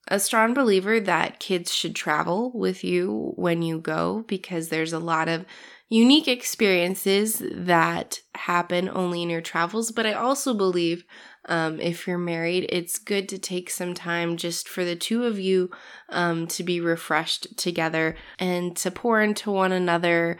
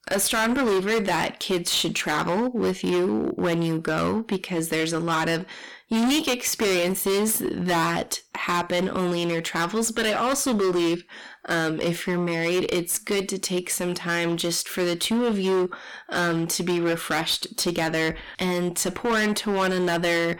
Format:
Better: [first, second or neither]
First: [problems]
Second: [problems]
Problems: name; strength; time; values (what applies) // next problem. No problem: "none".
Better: first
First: none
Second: distortion; heavy; 19% of the sound clipped